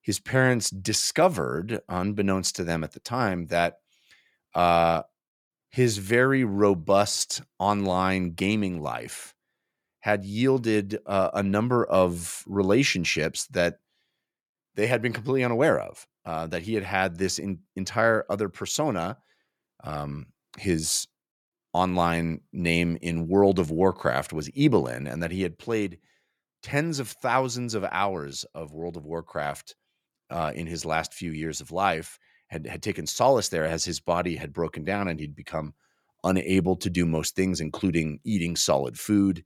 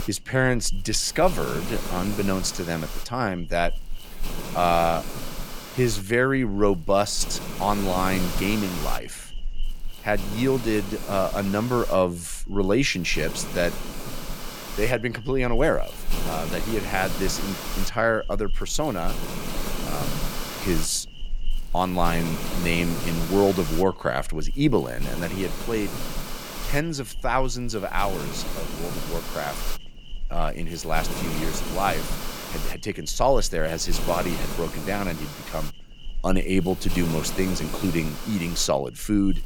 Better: first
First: none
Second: hiss; loud; throughout; 8 dB below the speech

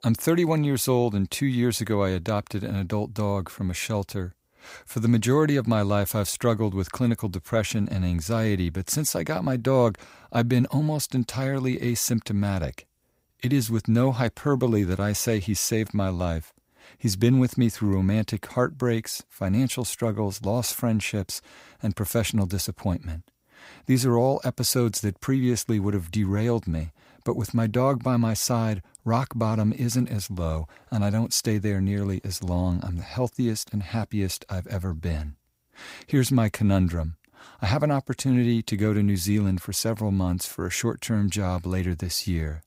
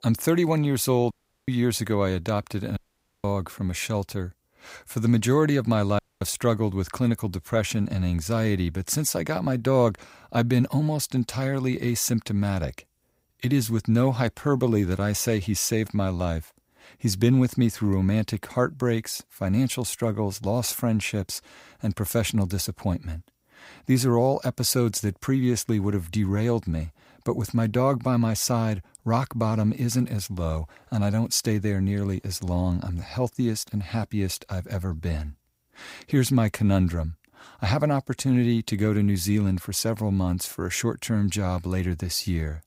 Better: first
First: none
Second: audio cutting out; at 1 s, at 3 s and at 6 s

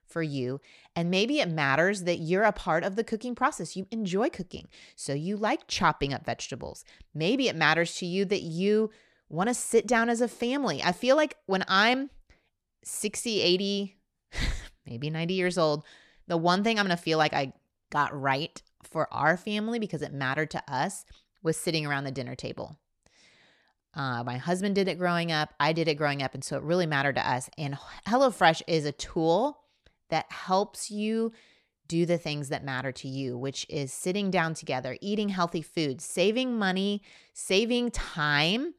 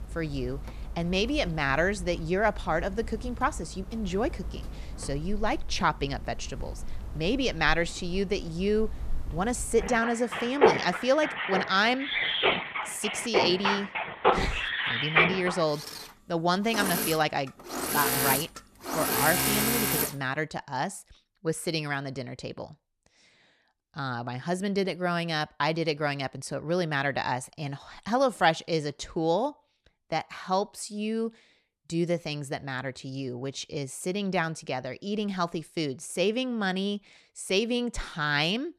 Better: first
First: none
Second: machinery noise; very loud; until 20 s; 1 dB above the speech

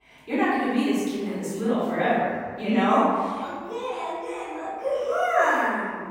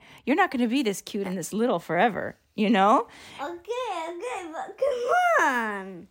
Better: second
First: off-mic speech; far // room echo; strong; dies away in 1.4 s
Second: none

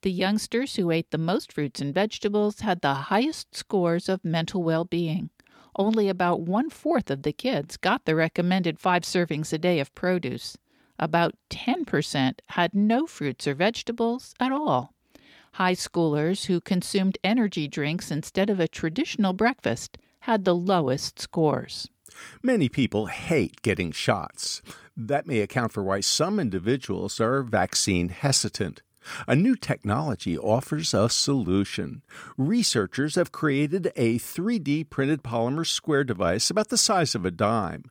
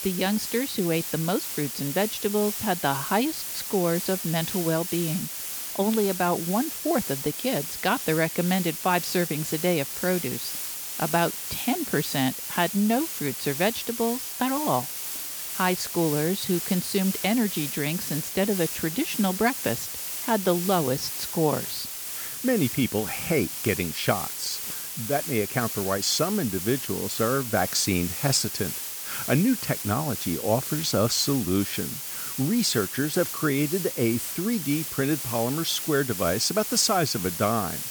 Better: first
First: none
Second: hiss; loud; throughout; 4 dB below the speech

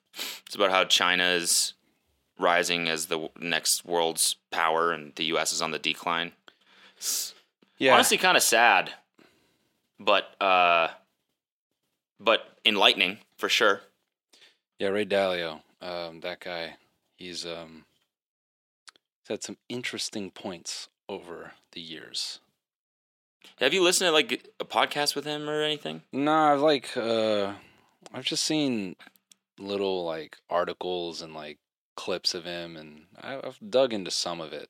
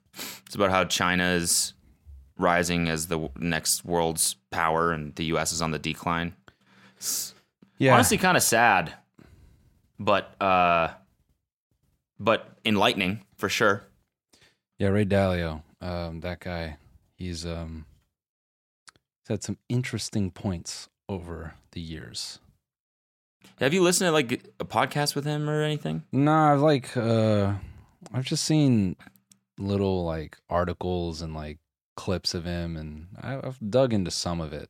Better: second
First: thin; somewhat; fading below 350 Hz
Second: none

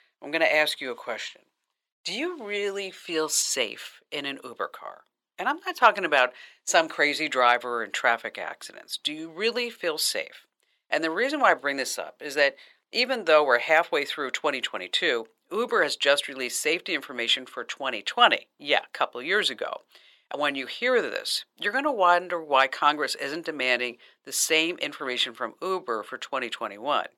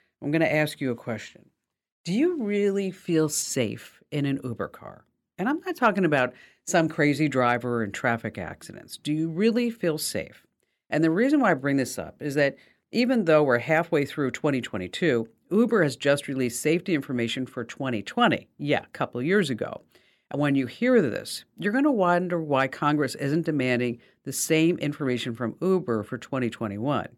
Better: second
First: thin; very; fading below 650 Hz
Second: none

